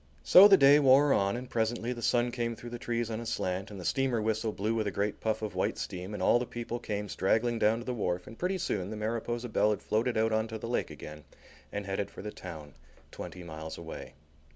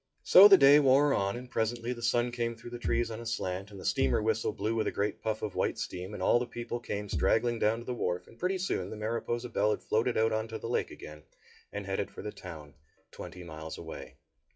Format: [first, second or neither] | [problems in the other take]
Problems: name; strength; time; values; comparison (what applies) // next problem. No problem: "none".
first | noise reduction (classical method WPE with log-MMSE)